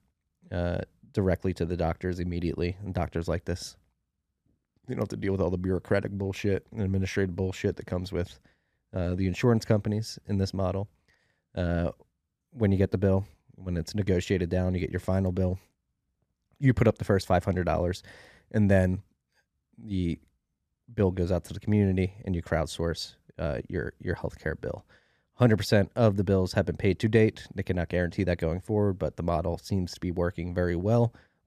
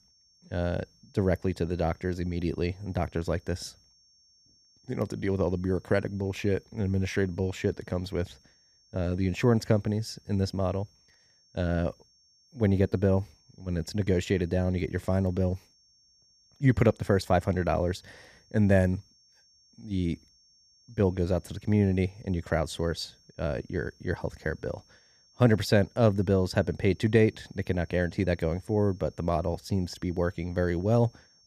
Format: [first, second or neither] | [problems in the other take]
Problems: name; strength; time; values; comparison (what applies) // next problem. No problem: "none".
first | high-pitched whine; faint; throughout; 5.5 kHz, 30 dB below the speech